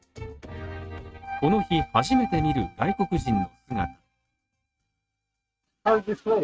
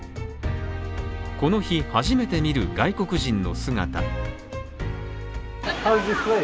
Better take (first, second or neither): second